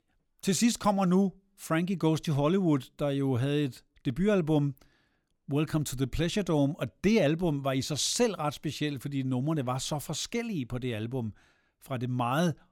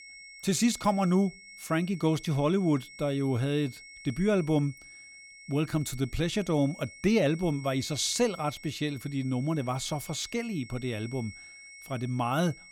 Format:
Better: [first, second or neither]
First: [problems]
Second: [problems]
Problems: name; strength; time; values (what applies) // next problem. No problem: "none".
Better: first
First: none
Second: high-pitched whine; noticeable; throughout; 2 kHz, 20 dB below the speech